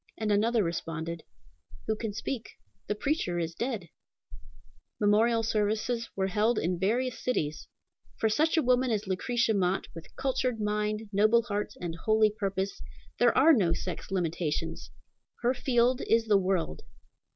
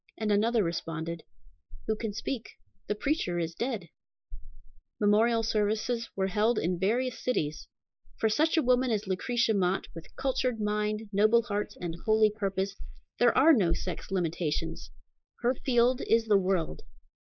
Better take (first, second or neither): first